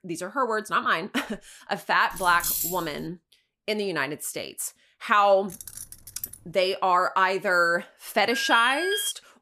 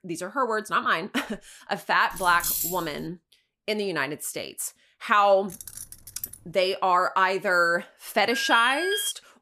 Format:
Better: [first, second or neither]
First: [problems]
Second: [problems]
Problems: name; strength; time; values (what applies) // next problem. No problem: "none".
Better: neither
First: jangling keys; noticeable; at 2 s; peak 1 dB below the speech // jangling keys; faint; at 5.5 s; peak 10 dB below the speech // alarm; noticeable; at 8.5 s; peak 3 dB below the speech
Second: jangling keys; noticeable; at 2 s; peak 1 dB below the speech // jangling keys; faint; at 5.5 s; peak 10 dB below the speech // alarm; noticeable; at 8.5 s; peak 3 dB below the speech